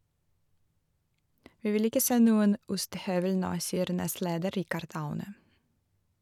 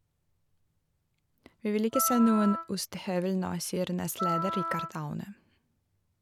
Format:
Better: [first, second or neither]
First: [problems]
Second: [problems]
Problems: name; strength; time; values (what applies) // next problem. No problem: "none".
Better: first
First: none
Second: background sound (Wind instrument, woodwind instrument); 5 dB below the speech